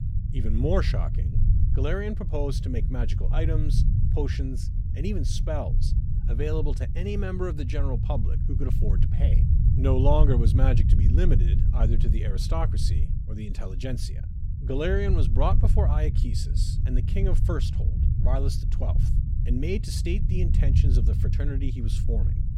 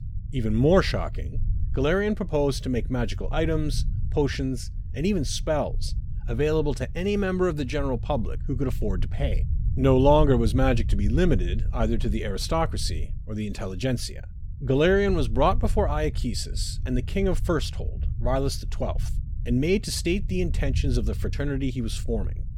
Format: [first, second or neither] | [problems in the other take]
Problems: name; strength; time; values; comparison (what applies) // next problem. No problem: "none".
second | low rumble; loud; throughout; 7 dB below the speech; faint in the second